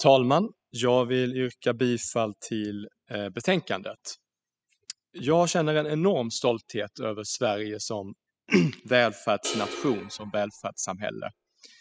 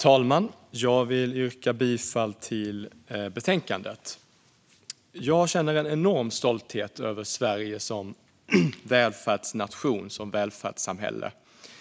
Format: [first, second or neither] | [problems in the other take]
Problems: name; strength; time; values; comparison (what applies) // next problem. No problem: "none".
second | noise reduction (classical method spectral subtraction)